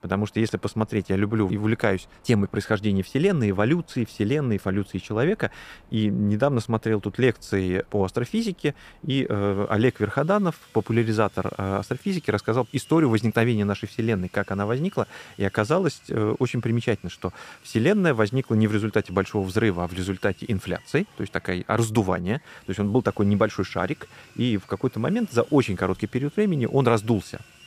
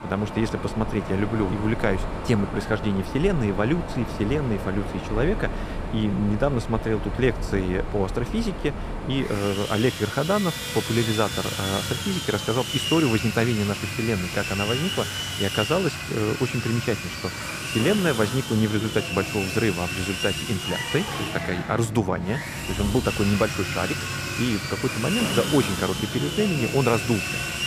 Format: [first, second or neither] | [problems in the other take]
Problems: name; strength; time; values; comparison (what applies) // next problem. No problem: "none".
first | machinery noise; loud; throughout; 4 dB below the speech; faint in the first